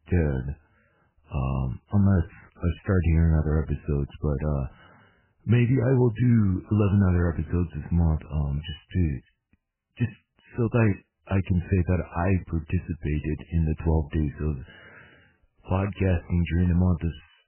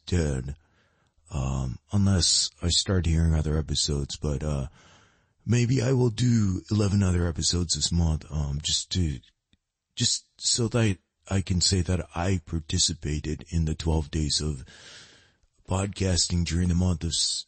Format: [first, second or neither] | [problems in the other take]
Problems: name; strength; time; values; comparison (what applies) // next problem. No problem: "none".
second | garbled, watery; badly; nothing above 3 kHz; slightly in the second